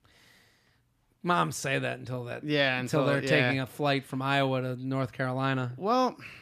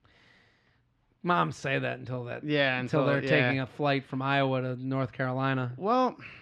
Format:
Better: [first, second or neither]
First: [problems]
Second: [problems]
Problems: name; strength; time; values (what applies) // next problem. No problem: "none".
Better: first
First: none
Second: muffled; very slightly; fading above 3.5 kHz